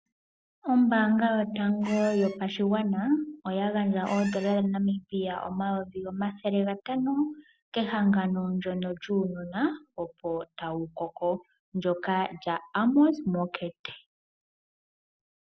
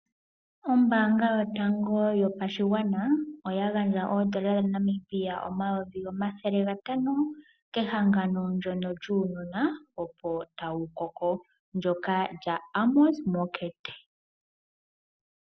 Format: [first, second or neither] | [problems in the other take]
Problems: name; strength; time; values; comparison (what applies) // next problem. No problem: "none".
second | background sound (Squeak); 15 dB below the speech